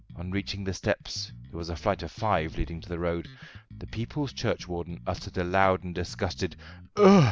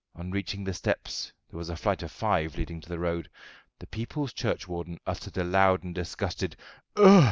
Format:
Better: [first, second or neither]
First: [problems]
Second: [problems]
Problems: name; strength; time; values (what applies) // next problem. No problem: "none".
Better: second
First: background sound (Bass guitar); 19 dB below the speech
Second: none